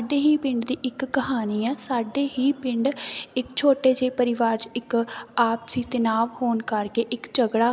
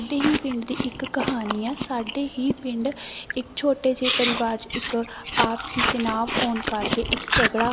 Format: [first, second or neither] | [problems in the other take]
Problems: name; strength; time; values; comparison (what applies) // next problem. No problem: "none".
first | background sound (Chewing, mastication); 2 dB below the speech